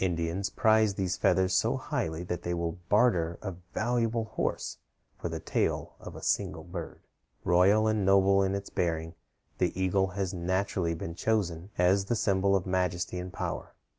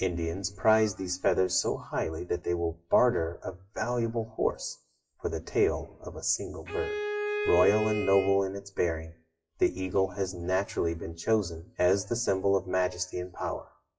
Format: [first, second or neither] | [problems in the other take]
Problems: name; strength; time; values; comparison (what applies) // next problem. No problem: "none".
first | noise reduction (classical method WPE with log-MMSE)